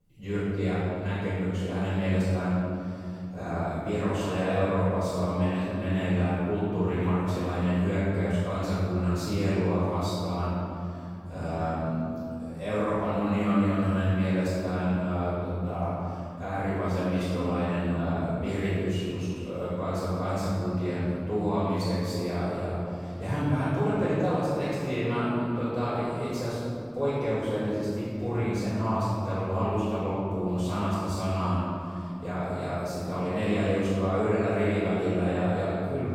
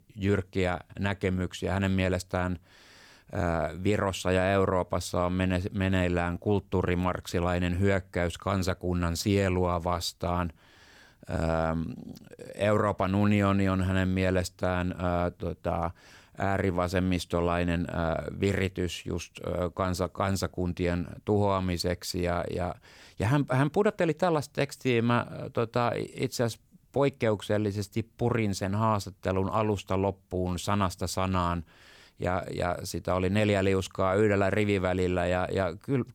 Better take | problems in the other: second | off-mic speech; far // room echo; strong; dies away in 3 s

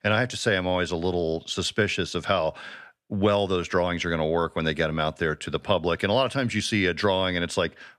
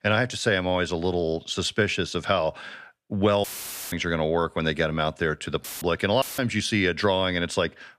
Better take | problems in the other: first | audio cutting out; filled with static; at 3.5 s, at 5.5 s and at 6 s

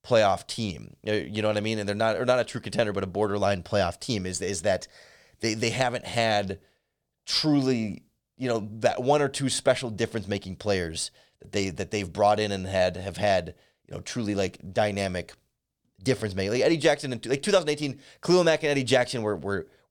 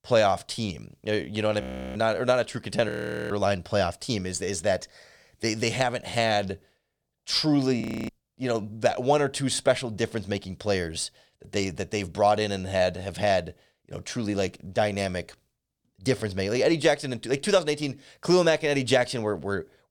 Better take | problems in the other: first | audio freezing; at 1.5 s, at 3 s and at 8 s

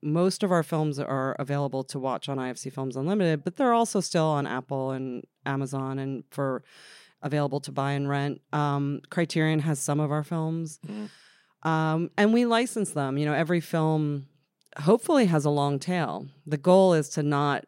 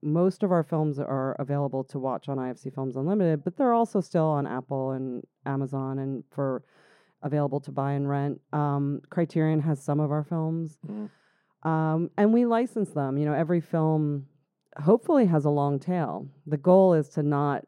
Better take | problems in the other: first | muffled; very; fading above 1.5 kHz

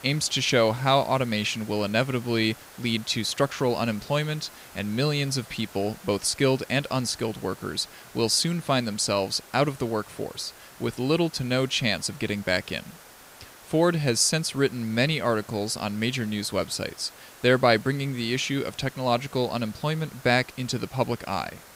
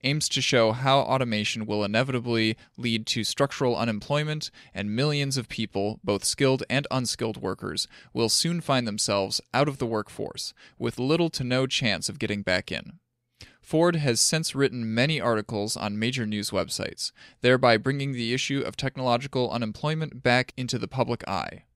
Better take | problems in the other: second | hiss; faint; throughout; 20 dB below the speech

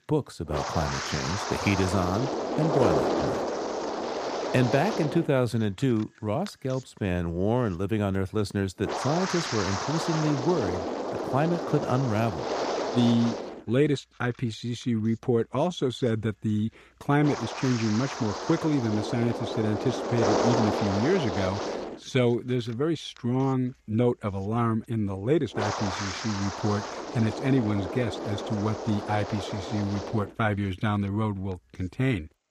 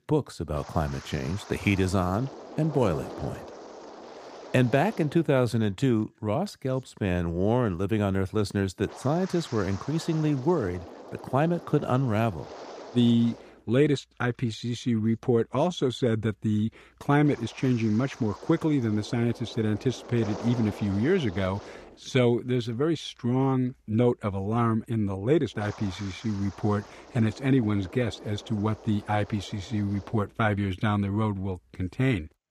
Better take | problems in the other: second | wind noise on the microphone; heavy; as loud as the speech; occasional gusts in the second

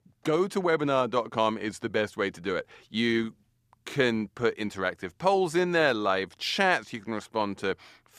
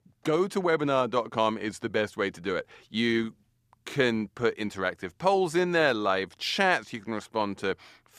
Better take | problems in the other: neither | none

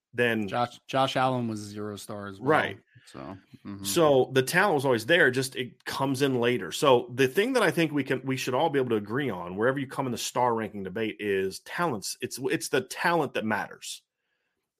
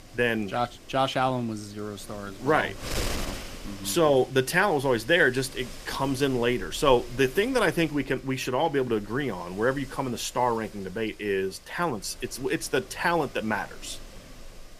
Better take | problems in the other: first | wind noise on the microphone; occasional gusts; 15 dB below the speech

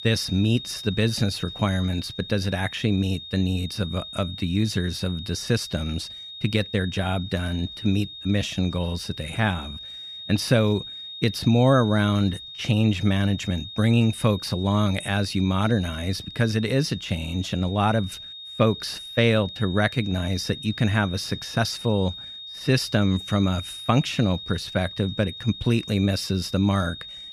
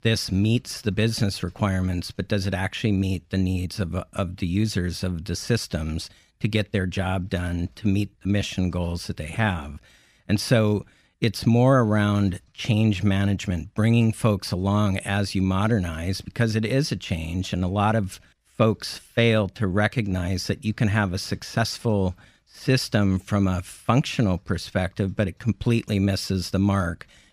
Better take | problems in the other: second | high-pitched whine; noticeable; throughout; 3.5 kHz, 10 dB below the speech

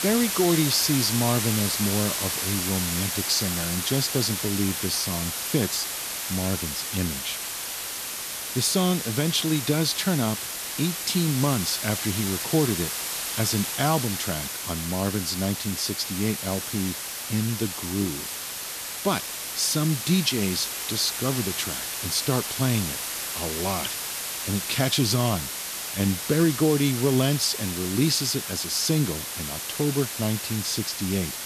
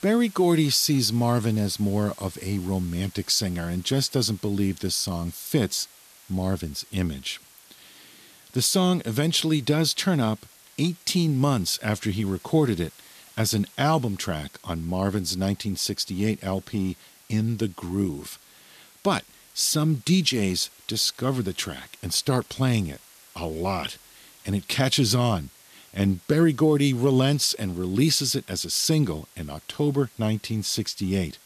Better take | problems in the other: second | hiss; loud; throughout; 3 dB below the speech; faint in the second

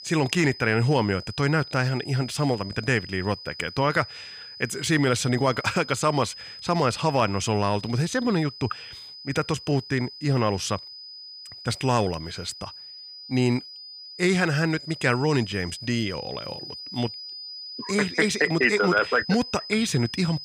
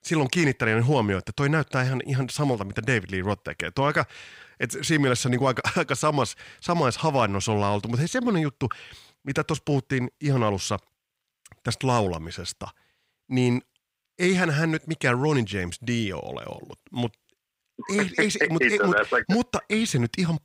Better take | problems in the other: second | high-pitched whine; noticeable; throughout; 5 kHz, 15 dB below the speech

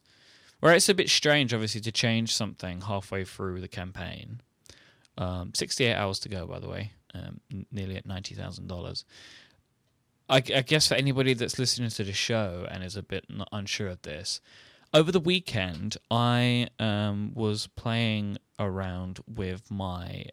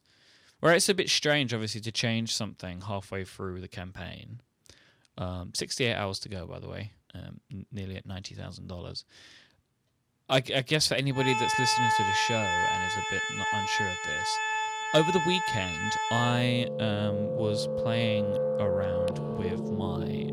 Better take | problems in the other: first | background music; very loud; from 11 s on; 1 dB above the speech

